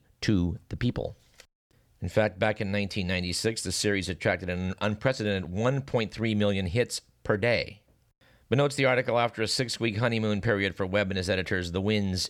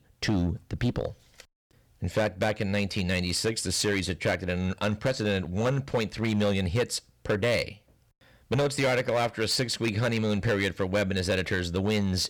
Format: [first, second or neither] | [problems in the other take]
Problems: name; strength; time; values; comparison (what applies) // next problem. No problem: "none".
first | distortion; slight; 8% of the sound clipped